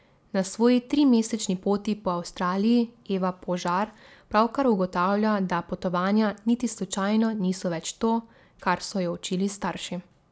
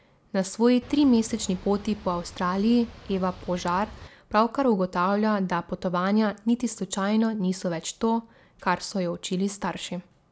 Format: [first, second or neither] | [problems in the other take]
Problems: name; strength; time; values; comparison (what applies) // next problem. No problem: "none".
first | background sound (Boat, Water vehicle); 19 dB below the speech